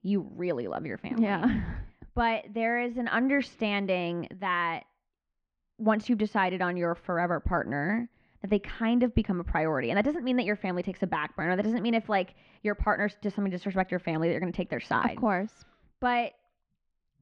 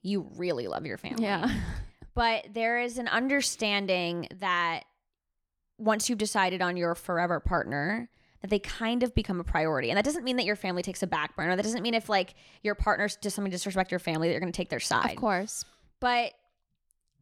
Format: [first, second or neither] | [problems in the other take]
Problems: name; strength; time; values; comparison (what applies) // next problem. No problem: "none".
second | muffled; very; fading above 2.5 kHz